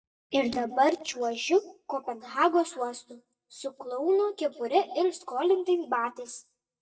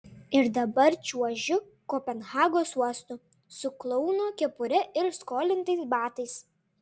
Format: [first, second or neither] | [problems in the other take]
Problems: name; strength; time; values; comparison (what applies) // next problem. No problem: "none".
second | noise reduction (neural mask model DeepFilterNet 3)